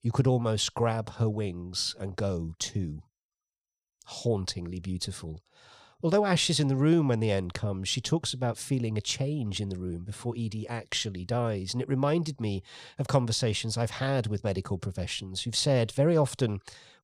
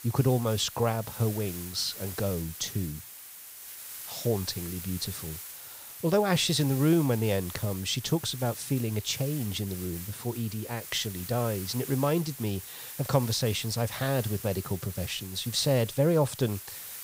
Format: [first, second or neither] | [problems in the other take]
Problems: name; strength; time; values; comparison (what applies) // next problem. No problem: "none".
first | hiss; noticeable; throughout; 10 dB below the speech